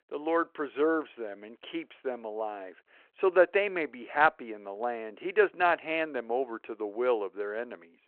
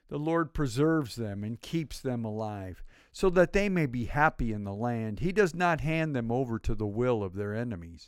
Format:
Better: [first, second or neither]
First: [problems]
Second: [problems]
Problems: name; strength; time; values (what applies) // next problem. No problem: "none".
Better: second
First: phone-call audio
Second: none